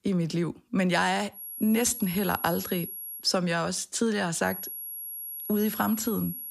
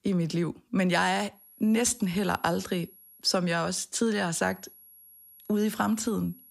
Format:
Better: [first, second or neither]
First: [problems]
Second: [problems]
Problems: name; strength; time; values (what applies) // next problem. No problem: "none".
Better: second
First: high-pitched whine; loud; from 1.5 to 3 s and from 4.5 s on; 11.5 kHz, 8 dB below the speech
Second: high-pitched whine; faint; from 1.5 to 3 s and from 4.5 s on; 11.5 kHz, 25 dB below the speech